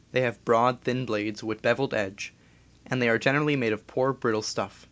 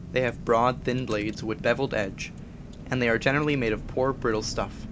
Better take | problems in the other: first | background sound (Car); 11 dB below the speech

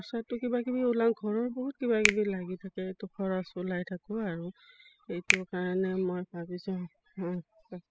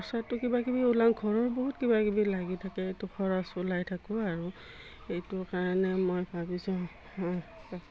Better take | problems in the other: second | noise reduction (classical method spectral subtraction)

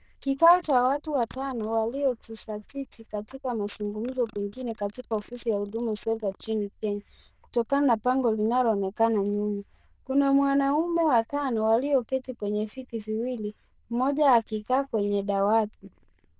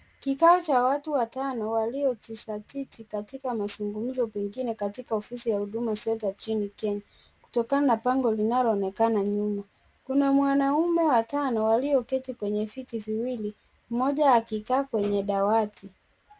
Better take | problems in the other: second | noise reduction (neural diffusion model UNIVERSE++)

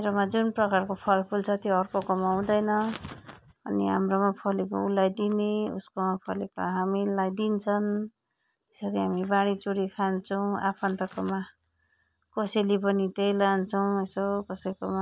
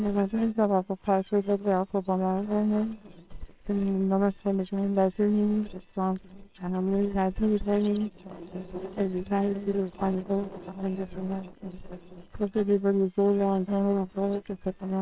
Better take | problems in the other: first | noise reduction (neural separator model SepFormer WHAMR!)

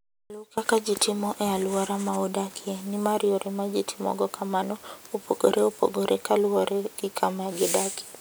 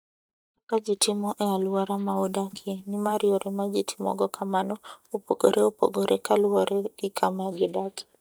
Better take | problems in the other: first | noise reduction (neural mask model DeepFilterNet 3)

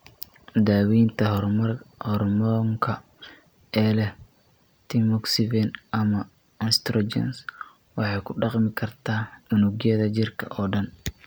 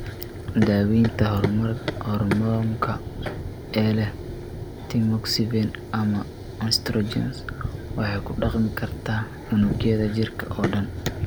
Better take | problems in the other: first | background sound (Run); 7 dB below the speech

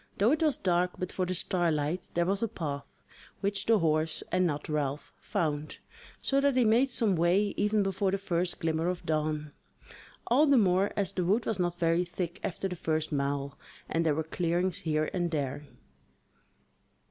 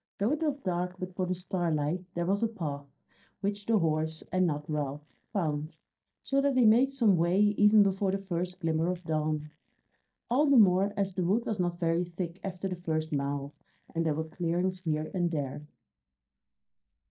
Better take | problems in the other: first | noise reduction (neural mask model DeepFilterNet 3)

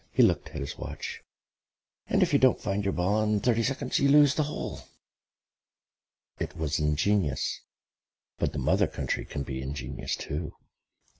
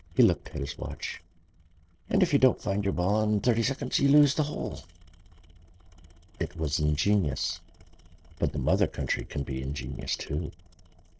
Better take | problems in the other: first | noise reduction (neural separator model SepFormer DNS4)

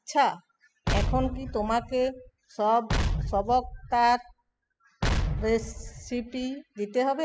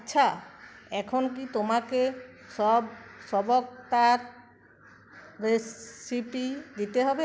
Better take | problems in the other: second | noise reduction (classical method spectral subtraction)

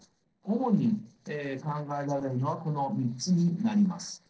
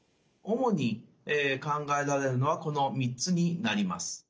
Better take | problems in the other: second | noise reduction (neural separator model SepFormer DNS4)

